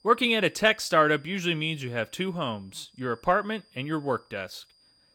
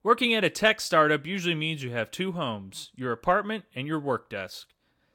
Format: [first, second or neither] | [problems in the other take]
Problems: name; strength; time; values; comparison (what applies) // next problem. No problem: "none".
second | high-pitched whine; faint; throughout; 5 kHz, 35 dB below the speech